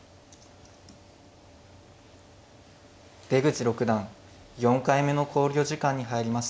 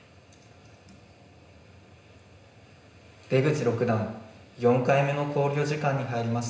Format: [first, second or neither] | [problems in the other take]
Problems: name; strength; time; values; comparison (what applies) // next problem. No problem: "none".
first | room echo; dies away in 0.9 s